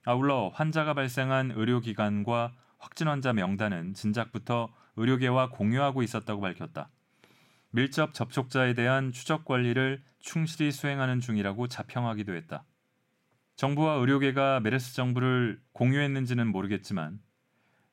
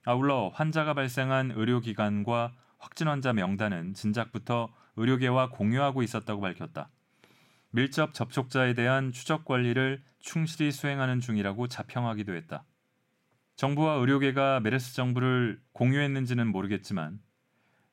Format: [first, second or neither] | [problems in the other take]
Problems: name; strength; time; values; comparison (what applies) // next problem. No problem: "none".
neither | none